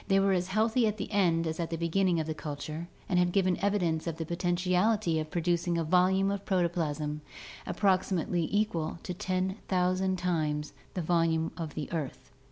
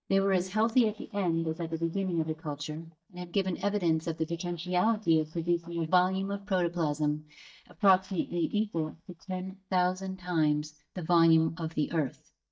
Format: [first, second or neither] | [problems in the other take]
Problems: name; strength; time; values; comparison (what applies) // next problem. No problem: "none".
first | noise reduction (neural mask model DeepFilterNet 3)